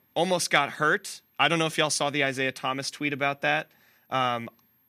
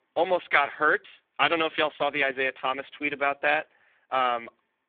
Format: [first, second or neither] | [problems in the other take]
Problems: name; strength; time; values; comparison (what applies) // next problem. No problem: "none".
first | phone-call audio; poor line